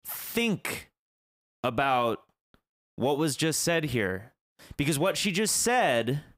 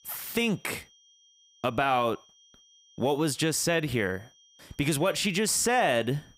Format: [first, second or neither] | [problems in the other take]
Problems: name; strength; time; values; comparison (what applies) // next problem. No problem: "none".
first | high-pitched whine; faint; throughout; 3 kHz, 30 dB below the speech